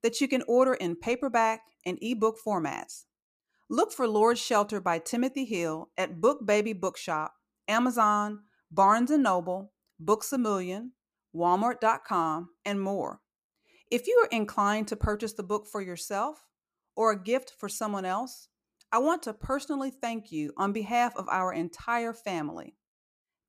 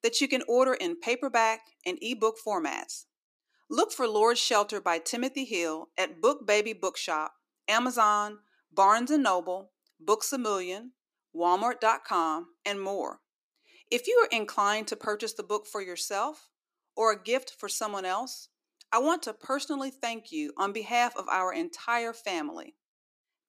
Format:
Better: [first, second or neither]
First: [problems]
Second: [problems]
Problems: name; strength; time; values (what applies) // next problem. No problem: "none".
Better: first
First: none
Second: thin; very slightly; fading below 300 Hz